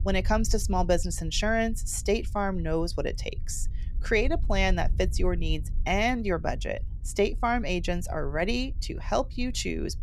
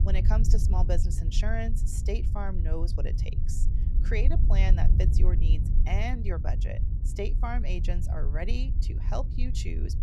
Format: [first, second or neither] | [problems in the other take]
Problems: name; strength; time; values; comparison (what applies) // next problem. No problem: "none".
first | low rumble; loud; throughout; 7 dB below the speech; faint in the first